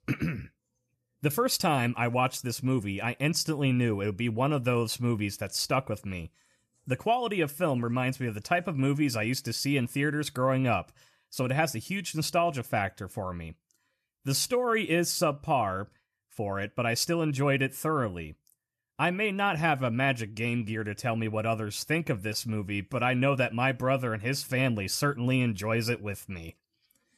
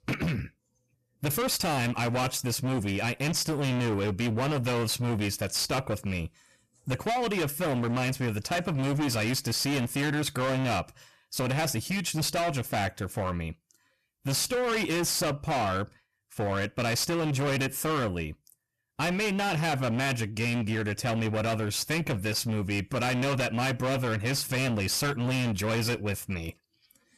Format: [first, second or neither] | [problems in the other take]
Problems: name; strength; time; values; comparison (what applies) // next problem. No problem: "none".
first | distortion; heavy; 30% of the sound clipped